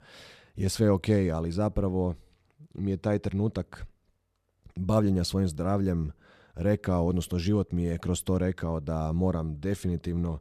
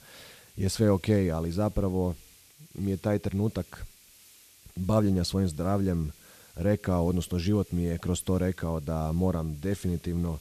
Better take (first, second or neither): first